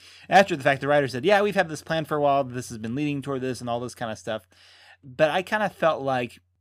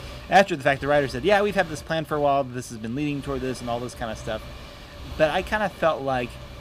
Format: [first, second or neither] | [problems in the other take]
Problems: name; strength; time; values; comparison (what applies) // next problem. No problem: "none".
first | wind noise on the microphone; occasional gusts; 20 dB below the speech